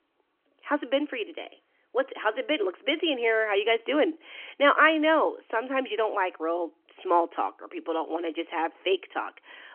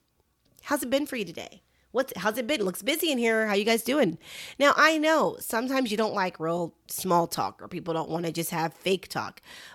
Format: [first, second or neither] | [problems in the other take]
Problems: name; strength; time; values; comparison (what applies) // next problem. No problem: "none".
second | phone-call audio; nothing above 3.5 kHz